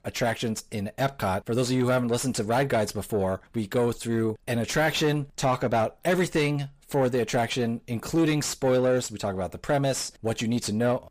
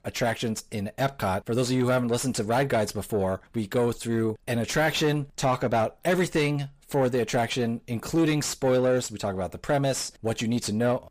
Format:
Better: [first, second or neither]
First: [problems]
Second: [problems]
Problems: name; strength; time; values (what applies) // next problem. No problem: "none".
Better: neither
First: distortion; slight; 10 dB below the speech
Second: distortion; slight; 10 dB below the speech